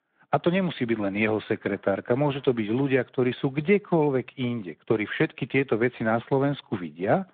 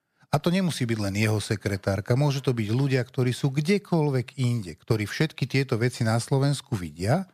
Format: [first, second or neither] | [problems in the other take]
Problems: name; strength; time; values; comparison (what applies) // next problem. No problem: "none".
second | phone-call audio; nothing above 3.5 kHz